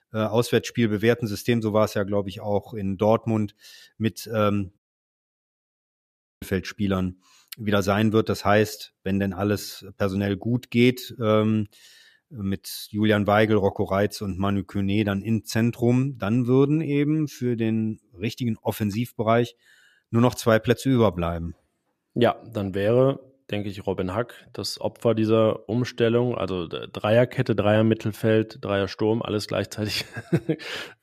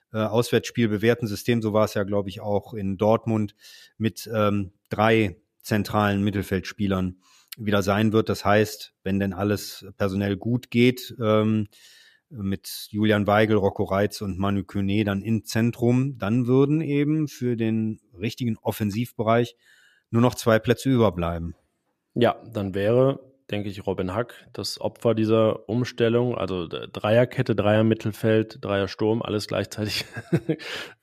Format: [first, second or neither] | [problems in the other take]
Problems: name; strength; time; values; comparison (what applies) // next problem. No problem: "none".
second | audio cutting out; at 5 s for 1.5 s